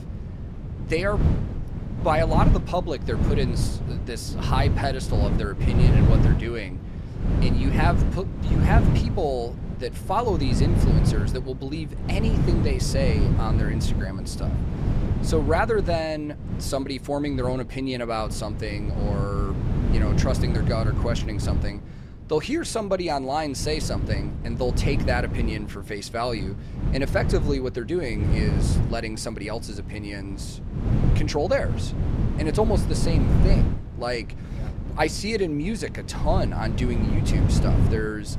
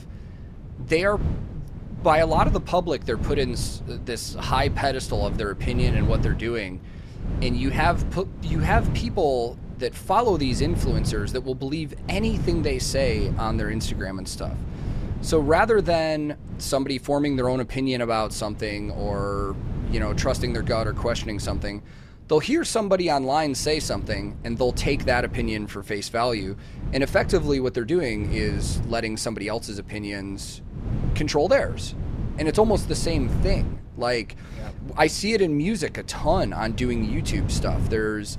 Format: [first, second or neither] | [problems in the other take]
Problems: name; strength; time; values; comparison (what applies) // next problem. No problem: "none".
second | wind noise on the microphone; heavy; 6 dB below the speech; occasional gusts in the second